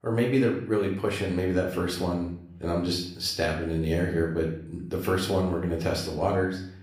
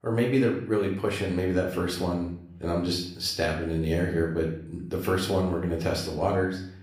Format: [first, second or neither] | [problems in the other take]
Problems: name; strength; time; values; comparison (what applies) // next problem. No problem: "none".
neither | room echo; slight; dies away in 0.6 s; the same in both // off-mic speech; far; the same in both